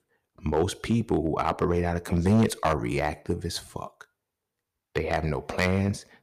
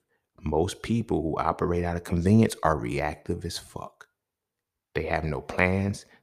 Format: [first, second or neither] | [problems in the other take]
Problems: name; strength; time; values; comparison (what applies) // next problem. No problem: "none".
second | distortion; slight; 1.9% of the sound clipped